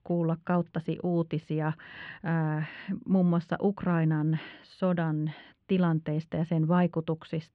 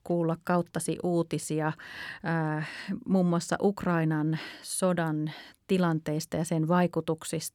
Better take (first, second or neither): second